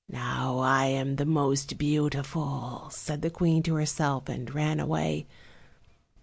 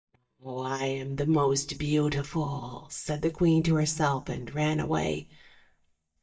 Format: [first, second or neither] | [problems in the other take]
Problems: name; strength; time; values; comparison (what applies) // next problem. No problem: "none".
first | noise reduction (neural mask model DeepFilterNet 3)